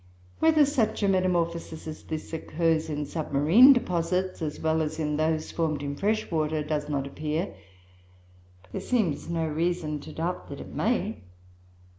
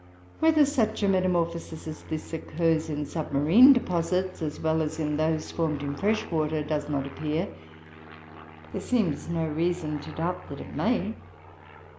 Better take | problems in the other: first | background sound (Aircraft); 19 dB below the speech

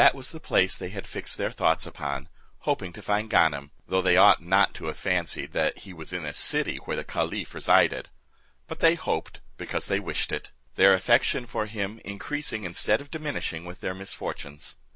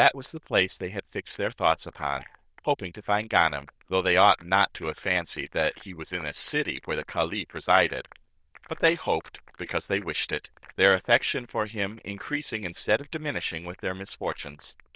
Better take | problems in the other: first | noise reduction (neural diffusion model UNIVERSE++)

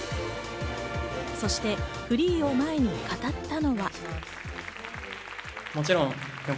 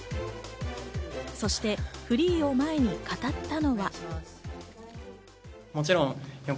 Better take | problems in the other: second | background sound (Applause); 9 dB below the speech

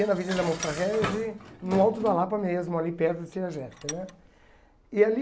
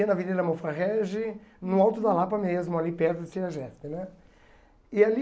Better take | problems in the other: second | background sound (Dishes, pots, and pans + Tools); 12 dB below the speech

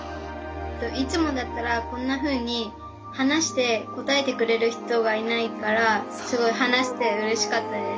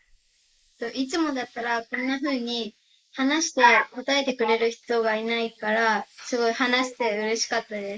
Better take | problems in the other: first | noise reduction (neural mask model Resemble Enhance denoiser)

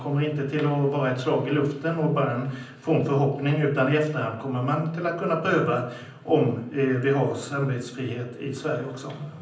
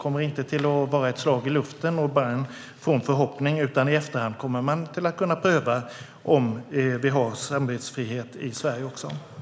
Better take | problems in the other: second | room echo; dies away in 0.6 s

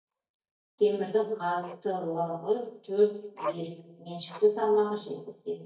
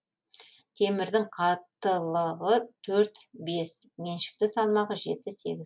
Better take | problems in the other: second | noise reduction (neural mask model DeepFilterNet 3)

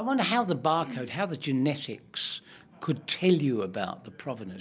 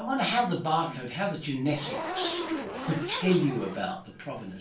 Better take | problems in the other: first | background sound (Zipper (clothing)); 8 dB below the speech // room echo; dies away in 0.2 s

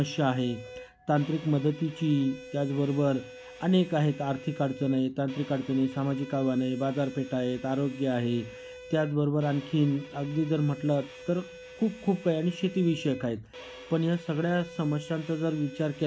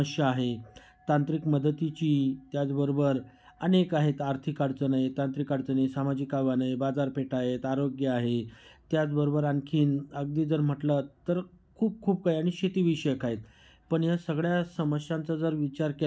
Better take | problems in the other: second | background sound (Bowed string instrument); 17 dB below the speech

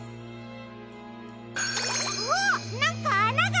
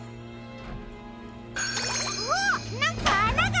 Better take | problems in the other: first | background sound (Sliding door / Slam); 8 dB below the speech

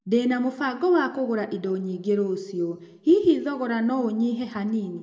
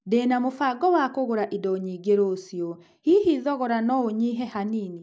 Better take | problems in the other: second | room echo; dies away in 1 s

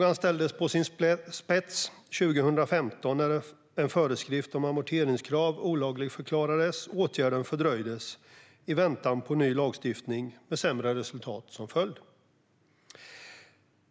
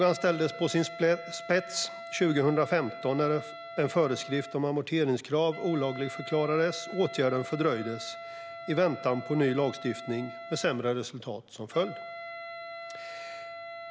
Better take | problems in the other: first | background sound (Wind instrument, woodwind instrument); 13 dB below the speech

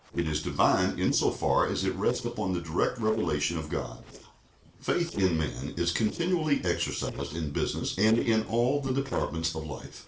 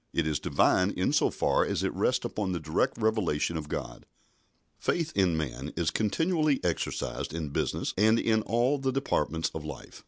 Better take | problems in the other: second | noise reduction (neural separator model SepFormer DNS4)

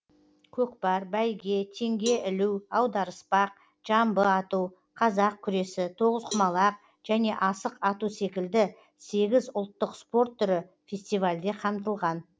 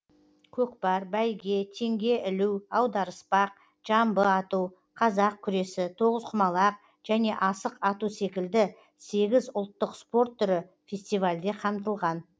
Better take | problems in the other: second | background sound (Cowbell); 18 dB below the speech

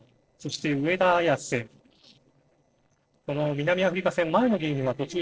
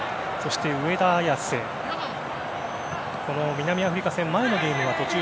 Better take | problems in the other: second | noise reduction (neural separator model SepFormer DNS4)

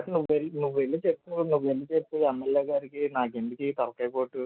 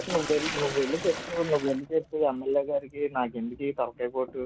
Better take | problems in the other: first | background sound (Sink (filling or washing)); 11 dB below the speech

